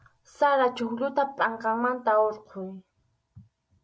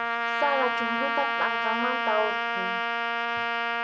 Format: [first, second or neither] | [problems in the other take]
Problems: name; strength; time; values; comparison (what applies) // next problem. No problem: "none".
first | background sound (Trumpet); 4 dB above the speech